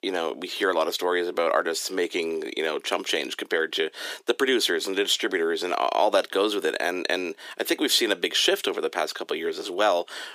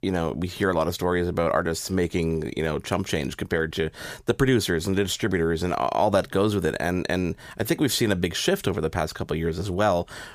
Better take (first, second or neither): second